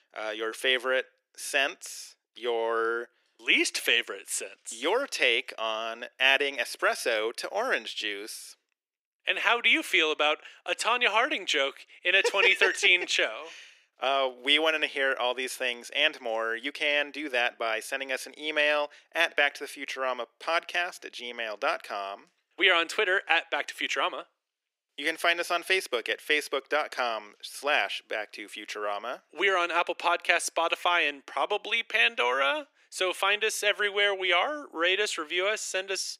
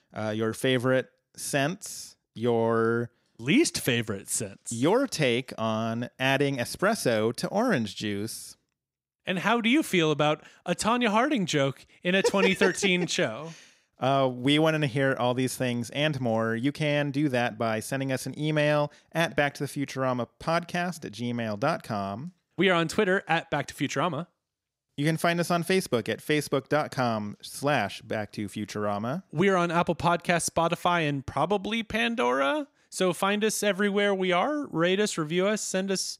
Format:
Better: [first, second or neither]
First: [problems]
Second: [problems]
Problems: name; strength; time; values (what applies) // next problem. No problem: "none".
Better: second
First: thin; very; fading below 350 Hz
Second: none